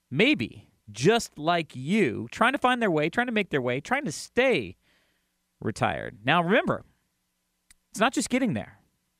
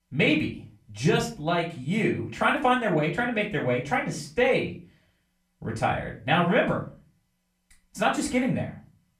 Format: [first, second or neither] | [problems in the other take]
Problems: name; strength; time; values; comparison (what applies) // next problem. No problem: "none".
first | room echo; slight; dies away in 0.3 s // off-mic speech; far